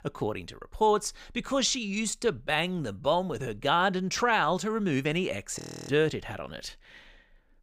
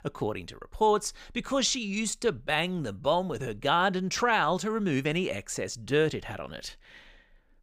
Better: second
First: audio freezing; at 5.5 s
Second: none

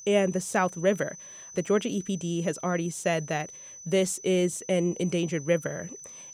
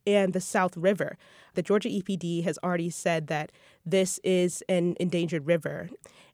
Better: second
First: high-pitched whine; noticeable; throughout; 6 kHz, 15 dB below the speech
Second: none

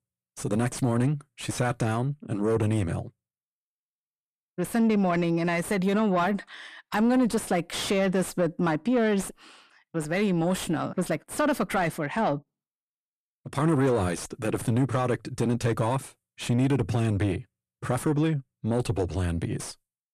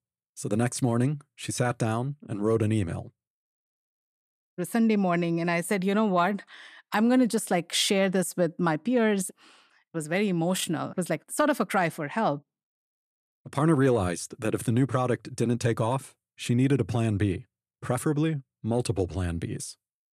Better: second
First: distortion; slight; 10 dB below the speech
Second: none

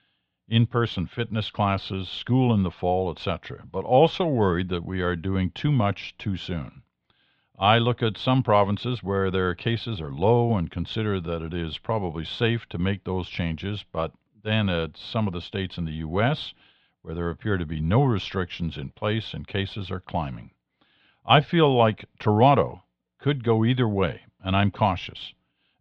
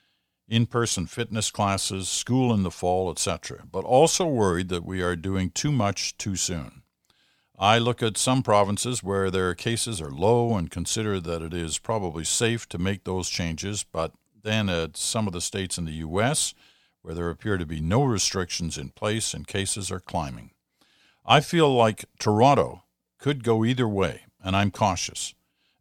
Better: second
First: muffled; very; fading above 3.5 kHz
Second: none

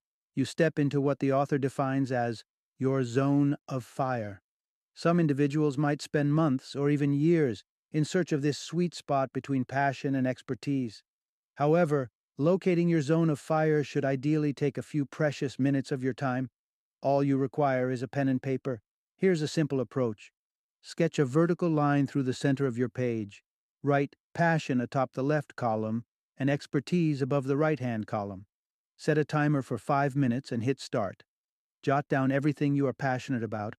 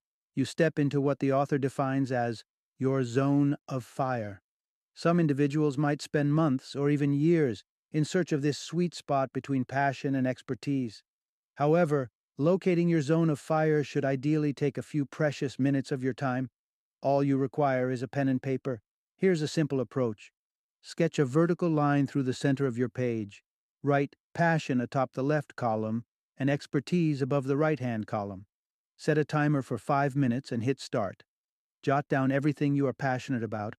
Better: neither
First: none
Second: none

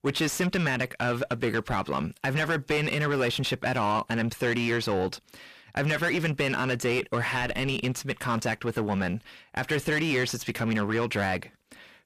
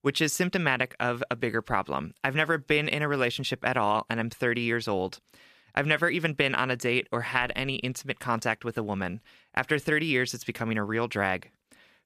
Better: second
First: distortion; heavy; 6 dB below the speech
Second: none

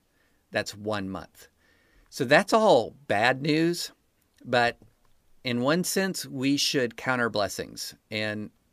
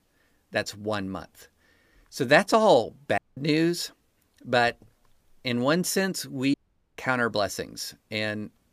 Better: first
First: none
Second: audio cutting out; at 3 s and at 6.5 s

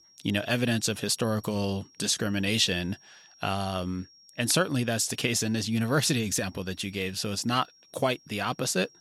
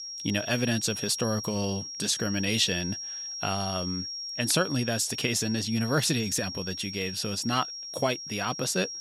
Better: first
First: high-pitched whine; faint; throughout; 5.5 kHz, 25 dB below the speech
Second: high-pitched whine; loud; throughout; 5.5 kHz, 6 dB below the speech

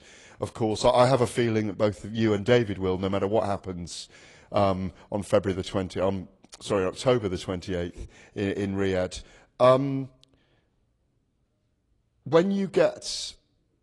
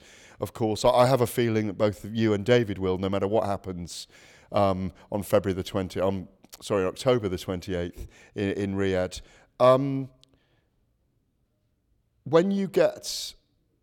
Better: second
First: garbled, watery; slightly; nothing above 10.5 kHz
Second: none

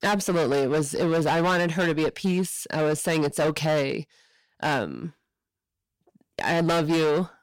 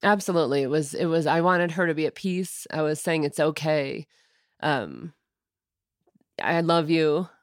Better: second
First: distortion; heavy; 19% of the sound clipped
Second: none

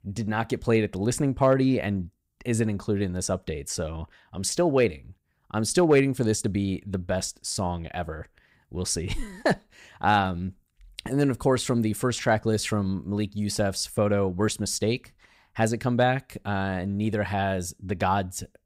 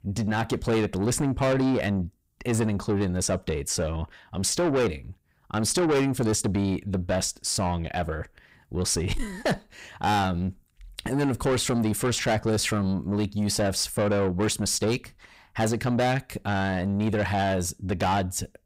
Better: first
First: none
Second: distortion; heavy; 8 dB below the speech

